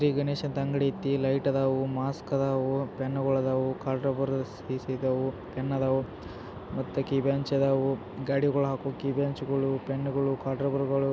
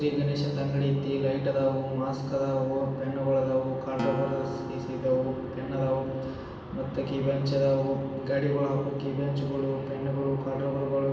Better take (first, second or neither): first